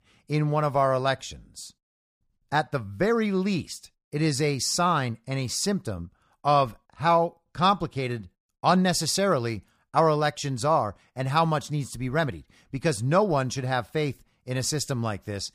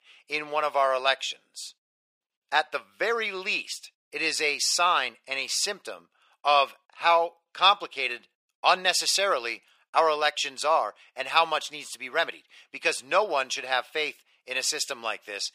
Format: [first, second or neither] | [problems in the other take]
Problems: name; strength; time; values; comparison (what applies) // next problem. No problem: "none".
first | thin; very; fading below 500 Hz